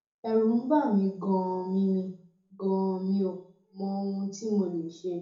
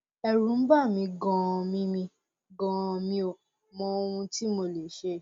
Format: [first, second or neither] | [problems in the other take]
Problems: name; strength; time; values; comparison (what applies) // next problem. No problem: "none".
second | room echo; dies away in 0.7 s